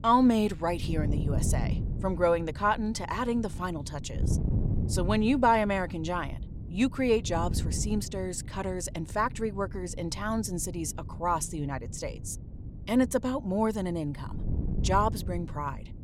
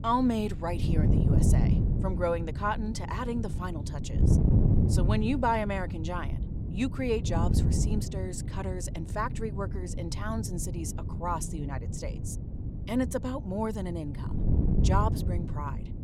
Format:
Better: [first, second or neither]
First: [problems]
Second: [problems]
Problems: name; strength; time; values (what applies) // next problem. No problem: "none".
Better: first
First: wind noise on the microphone; occasional gusts; 15 dB below the speech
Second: wind noise on the microphone; heavy; 7 dB below the speech